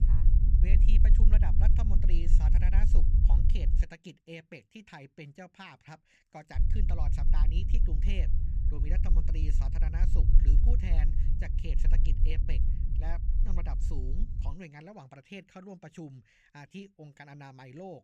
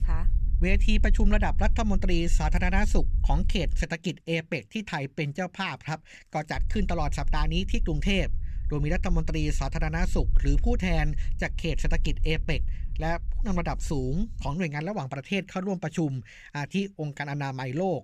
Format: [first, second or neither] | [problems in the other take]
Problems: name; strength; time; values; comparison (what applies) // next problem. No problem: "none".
second | low rumble; loud; until 4 s and from 6.5 to 15 s; 2 dB below the speech; faint in the second